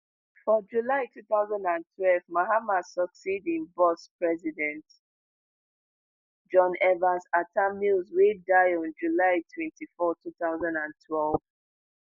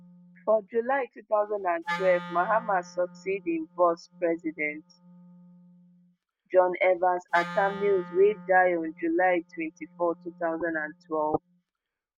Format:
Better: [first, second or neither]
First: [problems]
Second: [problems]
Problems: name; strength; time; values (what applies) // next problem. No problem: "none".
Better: first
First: none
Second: noise reduction (neural mask model RNNoise)